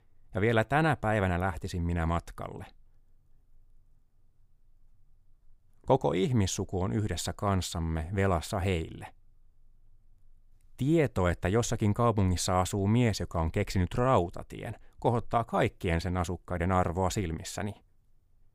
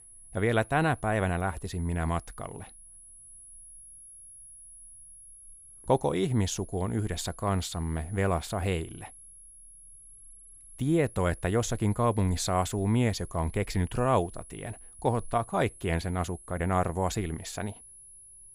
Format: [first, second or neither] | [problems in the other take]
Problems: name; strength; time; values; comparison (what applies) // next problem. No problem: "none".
first | high-pitched whine; noticeable; throughout; 10.5 kHz, 20 dB below the speech